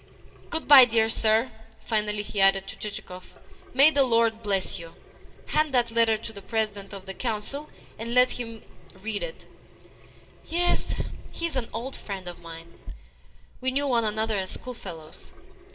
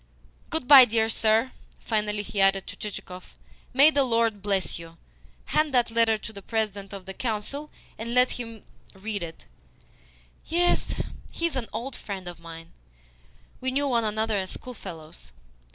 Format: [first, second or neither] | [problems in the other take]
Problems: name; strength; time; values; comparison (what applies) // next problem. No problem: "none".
second | background sound (Sink (filling or washing) / Water tap, faucet); 19 dB below the speech // room echo; dies away in 0.3 s